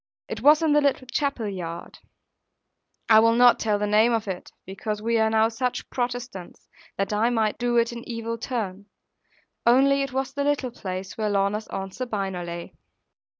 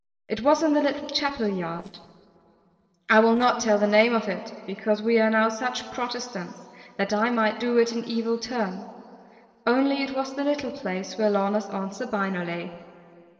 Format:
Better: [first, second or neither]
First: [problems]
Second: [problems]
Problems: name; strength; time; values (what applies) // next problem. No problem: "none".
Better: first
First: none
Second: noise reduction (neural separator model SepFormer DNS4)